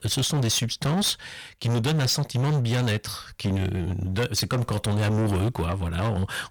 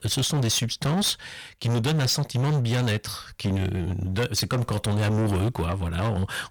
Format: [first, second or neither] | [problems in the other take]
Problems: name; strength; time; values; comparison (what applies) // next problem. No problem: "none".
neither | distortion; heavy; 23% of the sound clipped; the same in both